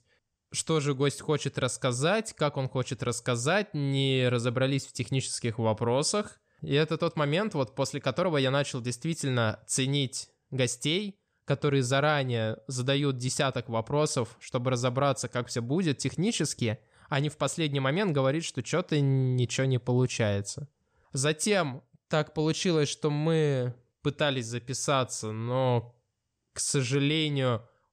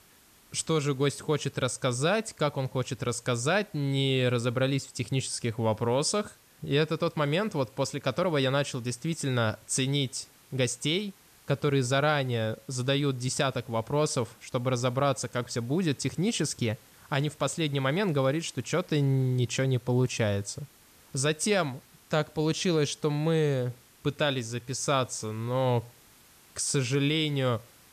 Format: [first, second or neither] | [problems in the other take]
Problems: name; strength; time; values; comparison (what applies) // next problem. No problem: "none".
first | hiss; faint; throughout; 25 dB below the speech